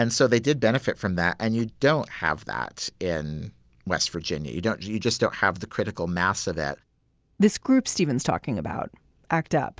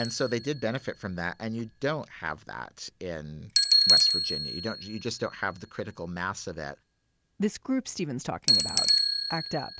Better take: first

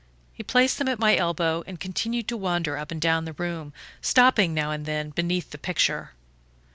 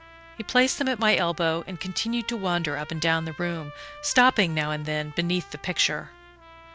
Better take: first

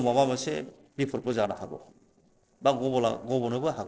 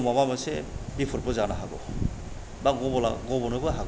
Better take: second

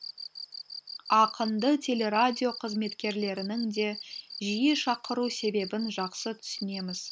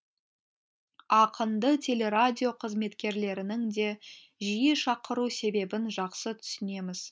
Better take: second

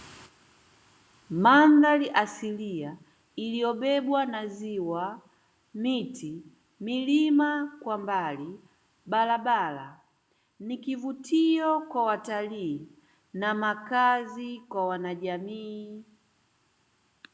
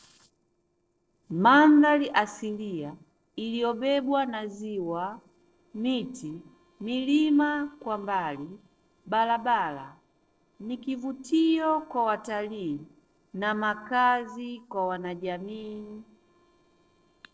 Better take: first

